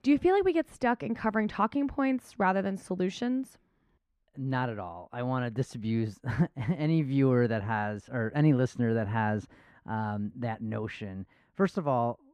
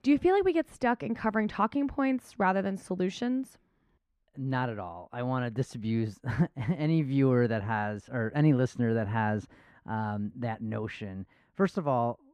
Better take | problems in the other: neither | muffled; slightly; fading above 3 kHz; the same in both

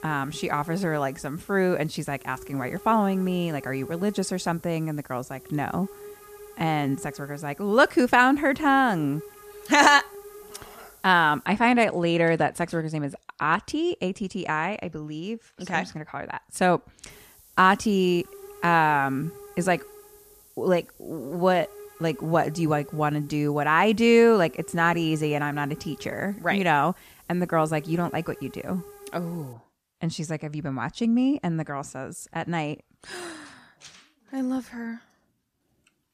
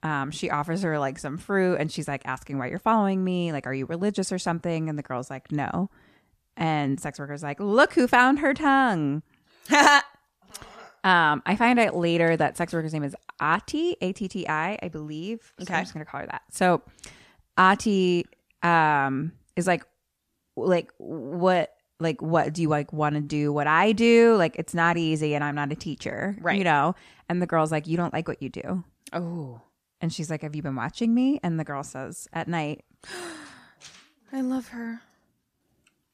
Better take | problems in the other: second | hiss; faint; until 11 s and from 17 to 30 s; 20 dB below the speech

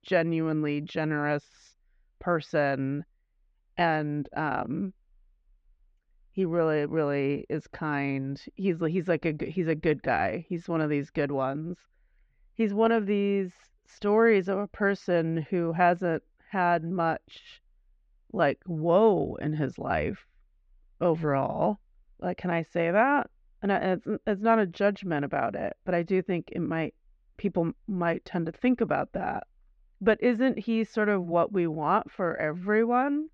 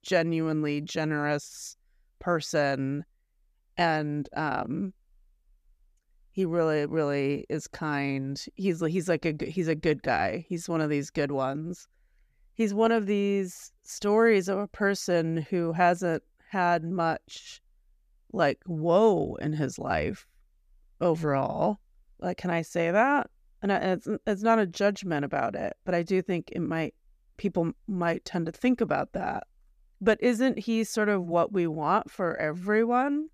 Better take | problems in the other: second | muffled; slightly; fading above 3 kHz

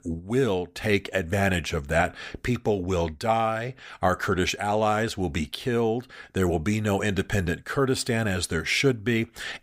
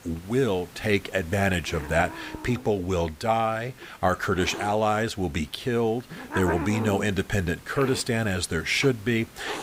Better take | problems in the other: first | hiss; noticeable; throughout; 10 dB below the speech

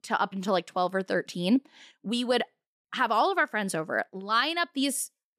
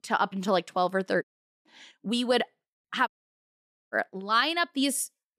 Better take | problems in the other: first | audio cutting out; at 1 s and at 3 s for 1 s

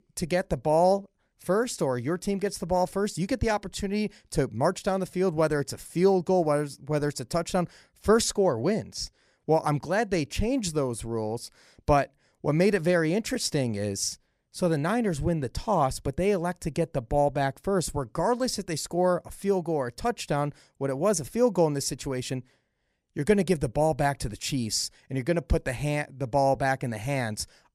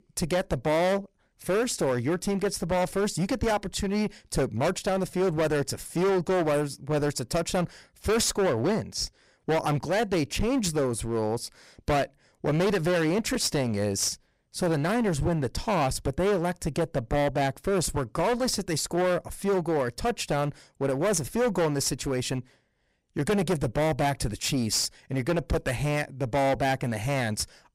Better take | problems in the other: first | distortion; heavy; 16% of the sound clipped

